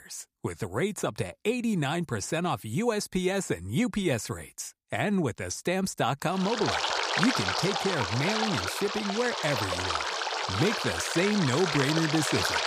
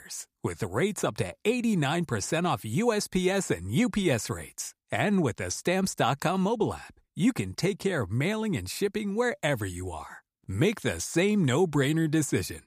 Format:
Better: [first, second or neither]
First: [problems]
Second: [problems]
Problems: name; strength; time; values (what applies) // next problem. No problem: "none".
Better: second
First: rain or running water; very loud; from 6.5 s on; as loud as the speech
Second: none